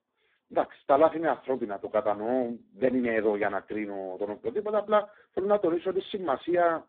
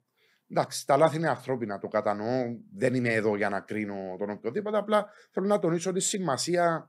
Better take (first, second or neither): second